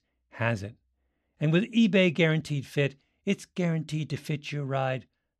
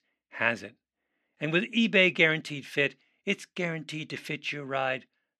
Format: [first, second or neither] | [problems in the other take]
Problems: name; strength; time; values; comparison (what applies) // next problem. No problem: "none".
first | thin; very slightly; fading below 250 Hz